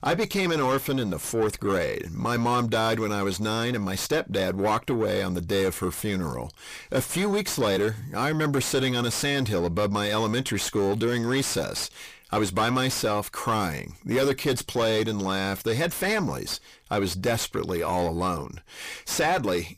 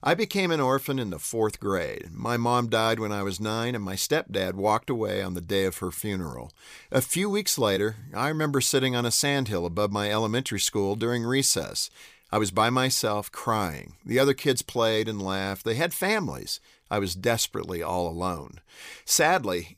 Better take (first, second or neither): second